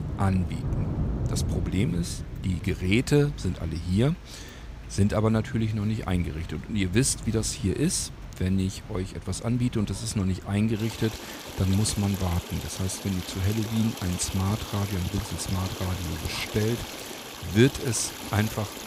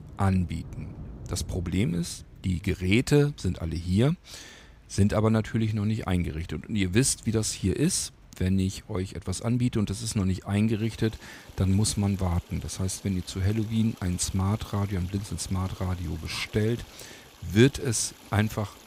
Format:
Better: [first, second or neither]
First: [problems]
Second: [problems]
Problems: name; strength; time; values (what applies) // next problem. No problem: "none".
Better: second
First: rain or running water; loud; throughout; 9 dB below the speech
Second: rain or running water; faint; throughout; 20 dB below the speech